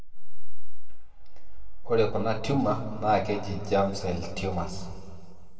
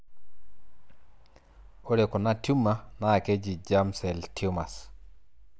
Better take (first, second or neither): second